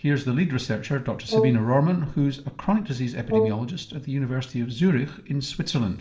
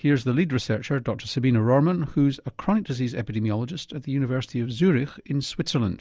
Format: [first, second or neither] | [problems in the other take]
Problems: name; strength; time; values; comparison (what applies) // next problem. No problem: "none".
second | background sound (Brass instrument); 5 dB below the speech // room echo; dies away in 1.2 s